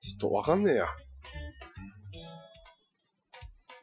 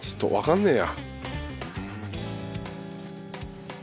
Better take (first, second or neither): second